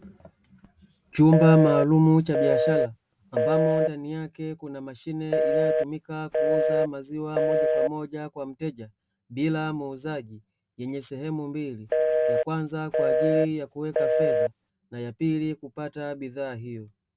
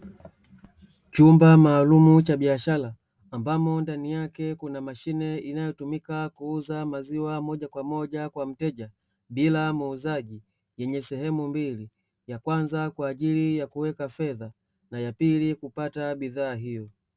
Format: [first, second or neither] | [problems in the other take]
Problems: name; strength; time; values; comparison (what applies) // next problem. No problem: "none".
second | background sound (Telephone); 2 dB above the speech